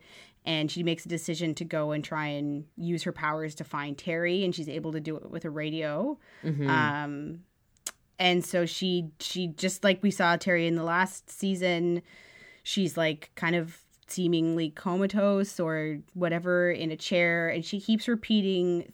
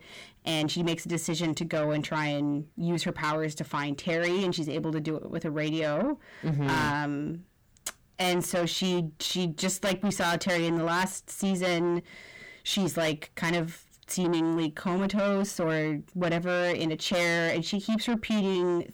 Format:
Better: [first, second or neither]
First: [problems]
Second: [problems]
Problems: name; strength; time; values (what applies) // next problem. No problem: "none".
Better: first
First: none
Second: distortion; heavy; 7 dB below the speech